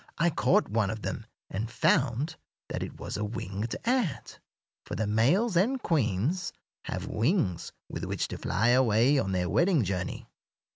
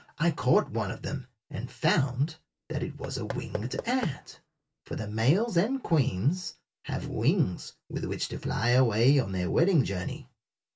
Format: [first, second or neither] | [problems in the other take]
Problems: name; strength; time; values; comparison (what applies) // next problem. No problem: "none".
first | background sound (Knock / Wood); 13 dB below the speech // room echo; dies away in 0.1 s